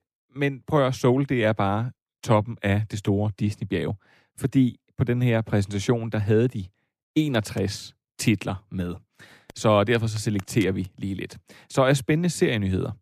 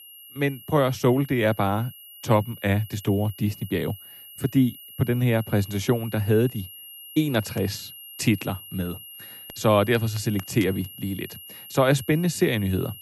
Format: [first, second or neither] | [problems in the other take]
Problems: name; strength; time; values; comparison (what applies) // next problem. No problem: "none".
first | high-pitched whine; noticeable; throughout; 3 kHz, 15 dB below the speech